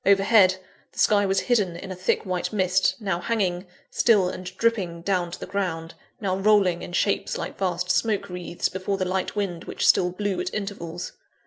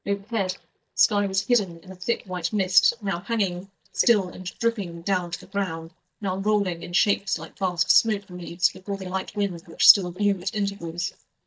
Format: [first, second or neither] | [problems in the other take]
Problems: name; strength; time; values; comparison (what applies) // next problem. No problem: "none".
first | noise reduction (neural mask model DeepFilterNet 3)